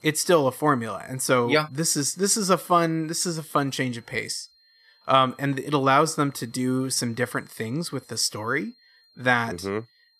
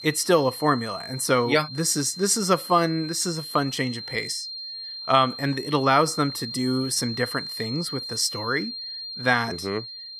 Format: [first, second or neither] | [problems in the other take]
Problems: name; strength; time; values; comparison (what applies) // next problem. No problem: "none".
first | high-pitched whine; loud; throughout; 4 kHz, 9 dB below the speech; faint in the first